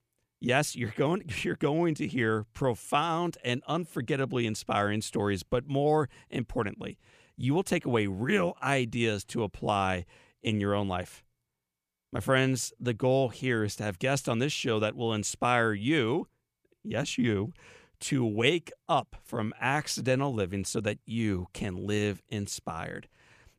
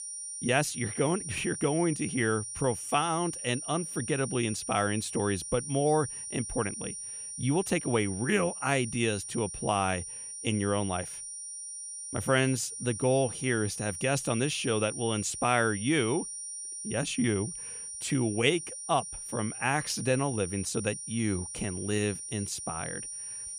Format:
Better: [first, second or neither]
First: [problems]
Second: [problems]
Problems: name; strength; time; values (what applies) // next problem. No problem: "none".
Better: first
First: none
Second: high-pitched whine; loud; throughout; 9 kHz, 7 dB below the speech